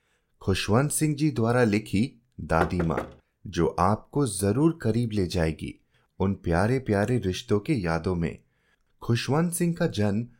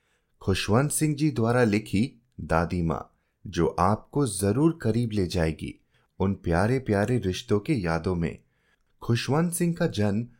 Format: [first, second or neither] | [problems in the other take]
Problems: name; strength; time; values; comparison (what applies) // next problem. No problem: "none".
second | door banging; noticeable; at 2.5 s; peak 6 dB below the speech